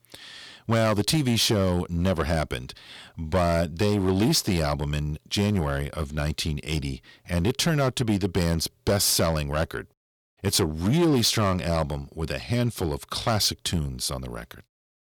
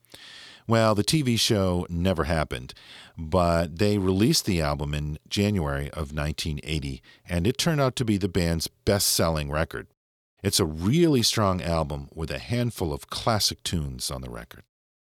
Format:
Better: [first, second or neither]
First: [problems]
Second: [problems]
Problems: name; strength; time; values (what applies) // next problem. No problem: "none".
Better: second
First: distortion; slight; 6% of the sound clipped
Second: none